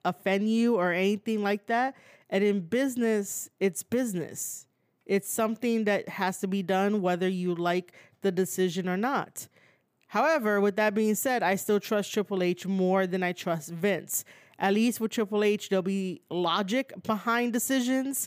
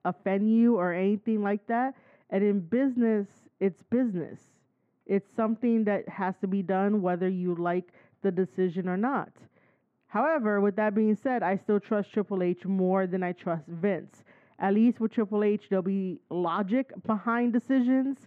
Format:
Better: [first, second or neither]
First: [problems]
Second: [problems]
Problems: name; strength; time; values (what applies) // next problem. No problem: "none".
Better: first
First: none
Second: muffled; very; fading above 1.5 kHz